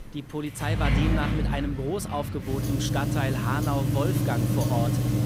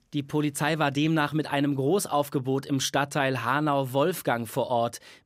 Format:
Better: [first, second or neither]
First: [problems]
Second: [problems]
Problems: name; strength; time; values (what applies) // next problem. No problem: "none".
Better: second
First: household noises; very loud; throughout; 4 dB above the speech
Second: none